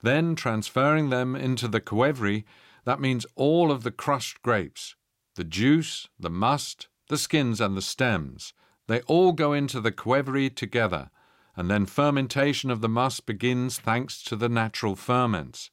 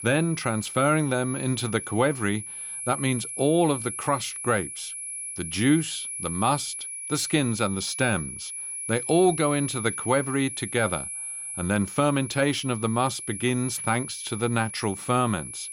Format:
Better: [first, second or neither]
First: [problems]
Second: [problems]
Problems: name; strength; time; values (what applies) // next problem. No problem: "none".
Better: first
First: none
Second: high-pitched whine; loud; throughout; 10.5 kHz, 7 dB below the speech